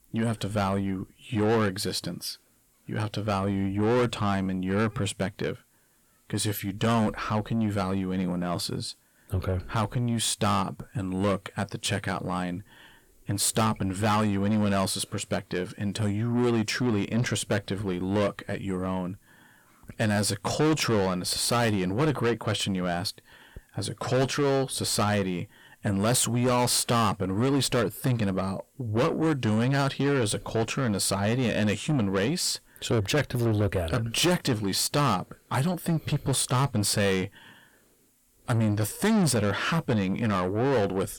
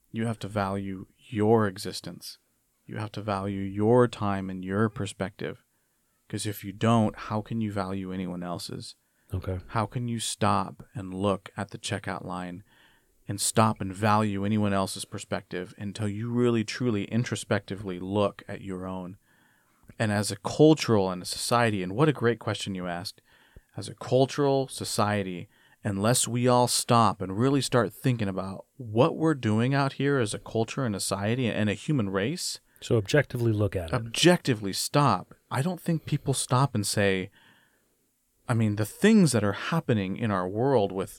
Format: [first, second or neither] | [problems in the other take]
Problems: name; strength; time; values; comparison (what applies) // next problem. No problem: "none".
second | distortion; heavy; 6 dB below the speech